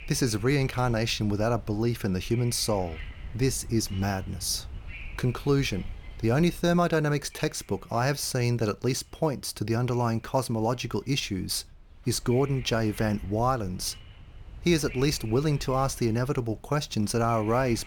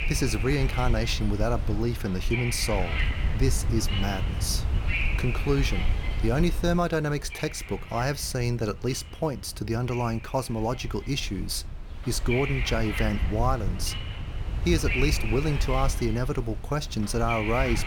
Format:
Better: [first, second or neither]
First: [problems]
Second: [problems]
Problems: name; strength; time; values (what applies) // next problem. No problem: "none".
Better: first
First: wind noise on the microphone; occasional gusts; 20 dB below the speech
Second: wind noise on the microphone; heavy; 4 dB below the speech